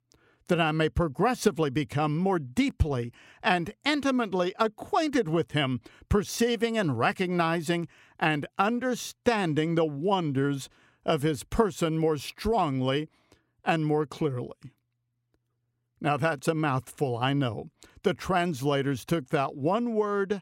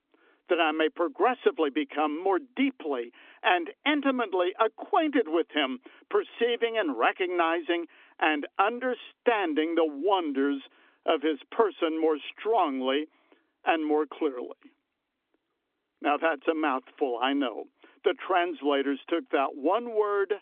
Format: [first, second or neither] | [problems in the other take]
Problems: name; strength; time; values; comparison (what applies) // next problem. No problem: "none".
first | phone-call audio; nothing above 3.5 kHz